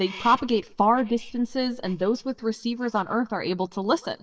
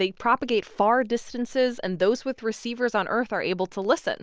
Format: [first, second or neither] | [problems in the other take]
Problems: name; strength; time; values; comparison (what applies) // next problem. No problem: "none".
second | noise reduction (neural mask model DeepFilterNet 3)